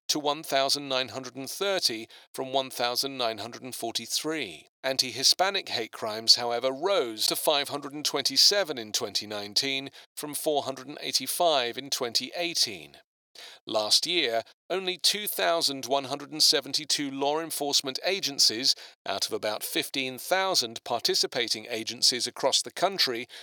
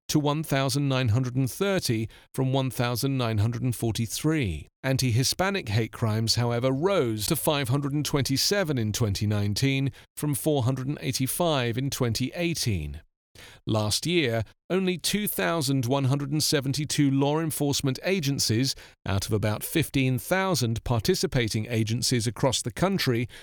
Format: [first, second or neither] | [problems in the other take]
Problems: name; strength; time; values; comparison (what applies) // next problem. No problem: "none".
second | thin; very; fading below 500 Hz